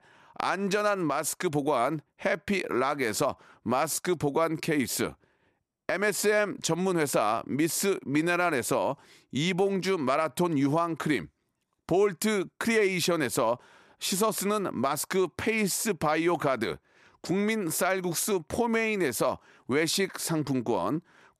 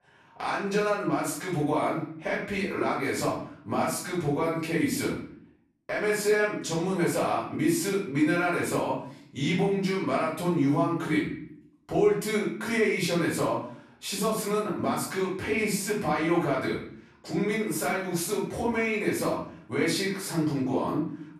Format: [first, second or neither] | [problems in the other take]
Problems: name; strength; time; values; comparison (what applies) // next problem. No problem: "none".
first | off-mic speech; far // room echo; noticeable; dies away in 0.6 s